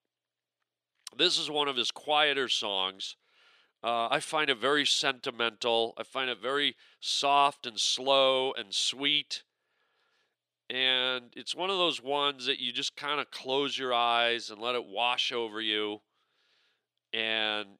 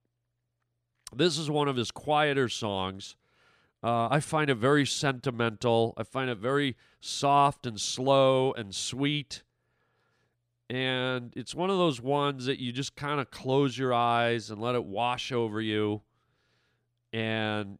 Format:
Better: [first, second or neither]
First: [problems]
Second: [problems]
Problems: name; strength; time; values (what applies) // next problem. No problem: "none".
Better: second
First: thin; somewhat; fading below 400 Hz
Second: none